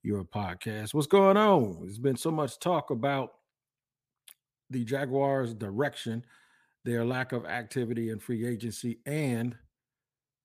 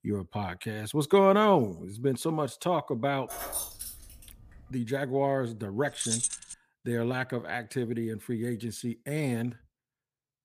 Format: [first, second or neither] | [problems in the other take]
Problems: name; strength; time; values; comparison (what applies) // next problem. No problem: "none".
first | jangling keys; noticeable; from 3.5 to 4.5 s; peak 4 dB below the speech // jangling keys; loud; at 6 s; peak 1 dB above the speech